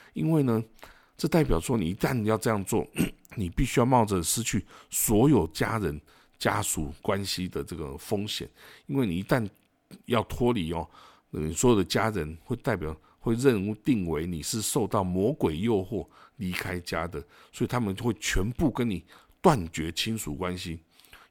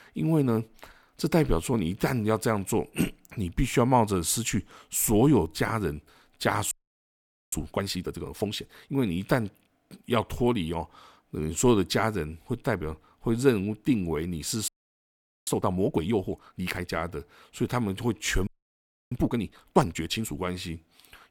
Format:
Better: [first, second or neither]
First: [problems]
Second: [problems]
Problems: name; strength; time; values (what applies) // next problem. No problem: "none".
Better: first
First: none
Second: audio freezing; at 6.5 s for 1 s, at 15 s for 1 s and at 18 s for 0.5 s